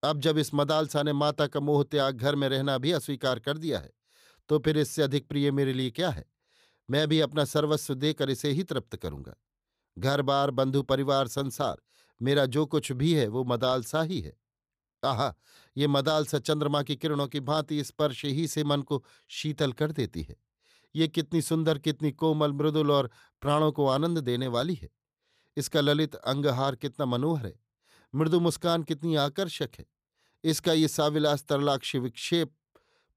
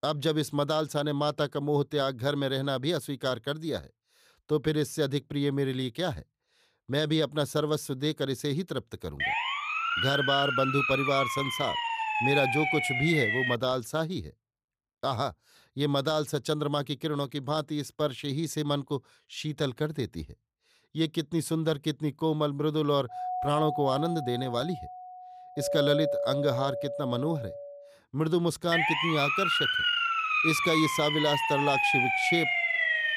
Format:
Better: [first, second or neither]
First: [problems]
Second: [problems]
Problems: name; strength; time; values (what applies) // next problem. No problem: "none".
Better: first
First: none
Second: siren; loud; from 9 to 14 s and from 29 s on; peak 6 dB above the speech // doorbell; loud; from 23 to 28 s; peak 1 dB above the speech